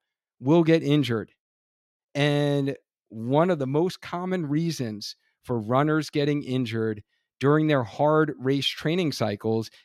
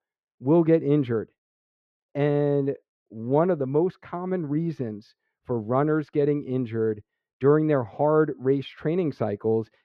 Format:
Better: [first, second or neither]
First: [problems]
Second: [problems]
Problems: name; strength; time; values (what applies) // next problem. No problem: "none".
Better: first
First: none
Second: muffled; very; fading above 3 kHz